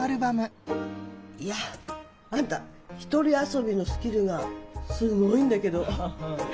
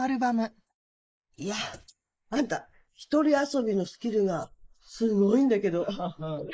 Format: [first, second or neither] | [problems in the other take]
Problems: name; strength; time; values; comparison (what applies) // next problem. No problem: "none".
first | noise reduction (neural mask model Resemble Enhance denoiser)